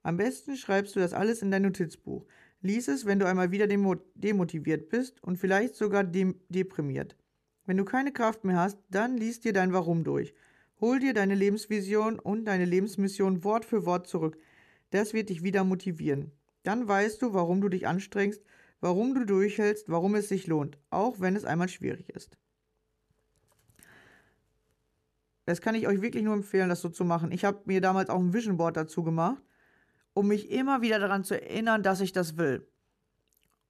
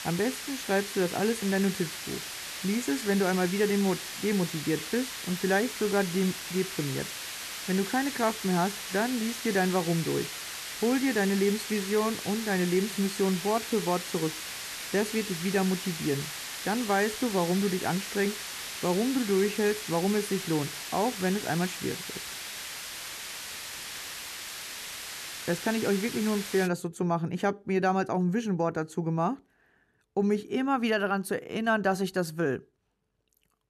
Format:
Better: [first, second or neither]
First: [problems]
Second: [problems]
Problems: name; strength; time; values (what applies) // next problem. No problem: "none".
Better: first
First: none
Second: hiss; loud; until 27 s; 7 dB below the speech